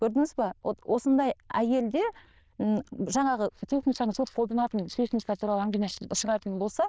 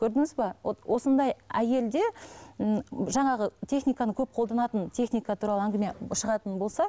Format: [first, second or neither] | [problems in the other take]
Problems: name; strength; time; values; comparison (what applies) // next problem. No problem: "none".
second | noise reduction (neural diffusion model UNIVERSE++)